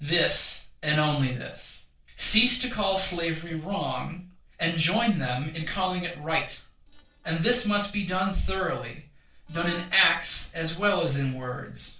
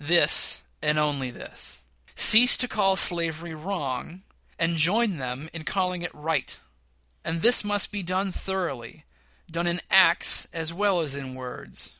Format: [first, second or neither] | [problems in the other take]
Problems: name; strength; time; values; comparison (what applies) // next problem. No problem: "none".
second | noise reduction (neural separator model SepFormer DNS4)